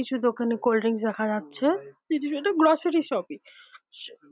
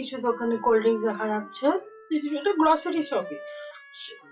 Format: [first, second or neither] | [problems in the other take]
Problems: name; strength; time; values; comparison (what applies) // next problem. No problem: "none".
first | noise reduction (classical method WPE with log-MMSE)